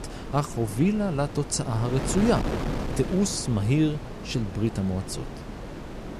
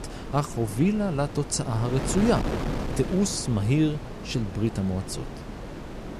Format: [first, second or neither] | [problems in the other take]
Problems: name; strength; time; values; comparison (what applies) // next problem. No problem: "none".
neither | wind noise on the microphone; heavy; 7 dB below the speech; the same in both